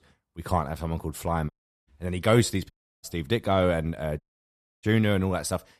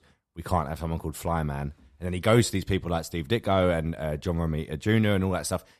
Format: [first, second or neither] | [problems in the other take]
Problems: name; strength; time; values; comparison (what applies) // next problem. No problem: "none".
second | audio cutting out; at 1.5 s, at 2.5 s and at 4 s for 0.5 s